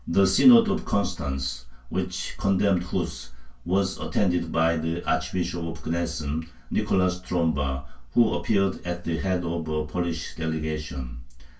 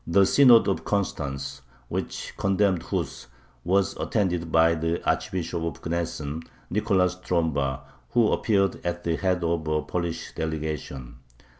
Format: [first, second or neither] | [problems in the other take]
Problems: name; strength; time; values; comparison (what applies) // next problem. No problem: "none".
second | room echo; dies away in 0.1 s